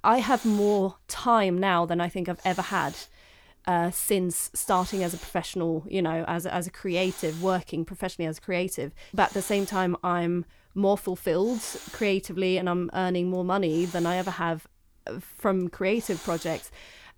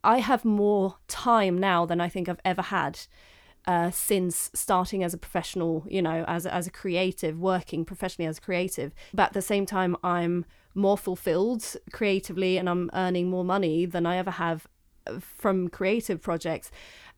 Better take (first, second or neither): second